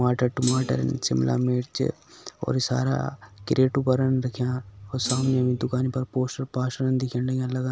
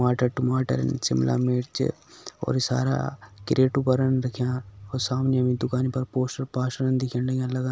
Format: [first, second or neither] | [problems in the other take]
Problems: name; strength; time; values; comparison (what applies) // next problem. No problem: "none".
second | background sound (Thump, thud); 11 dB below the speech